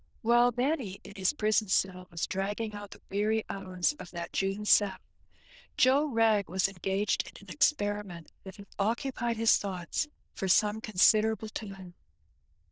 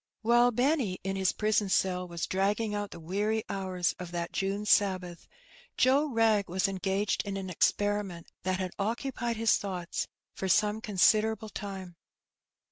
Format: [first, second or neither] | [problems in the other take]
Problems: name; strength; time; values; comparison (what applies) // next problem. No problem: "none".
second | noise reduction (neural diffusion model UNIVERSE++)